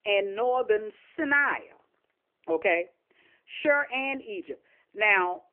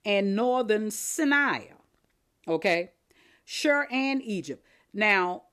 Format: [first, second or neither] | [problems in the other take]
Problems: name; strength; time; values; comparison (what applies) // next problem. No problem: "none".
second | phone-call audio; nothing above 3 kHz